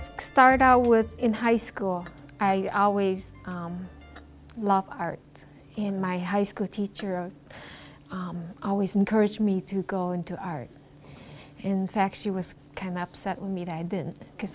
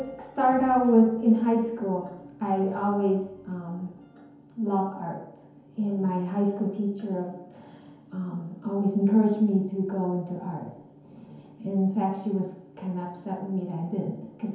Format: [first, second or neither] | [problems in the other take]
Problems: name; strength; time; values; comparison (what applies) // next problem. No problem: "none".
first | room echo; dies away in 0.9 s